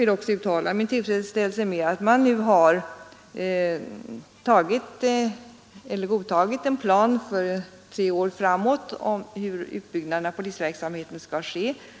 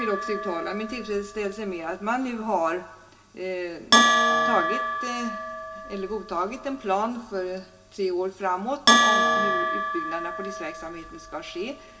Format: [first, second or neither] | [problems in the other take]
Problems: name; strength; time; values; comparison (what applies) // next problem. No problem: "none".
first | background sound (Bell); 3 dB above the speech // room echo; dies away in 0.2 s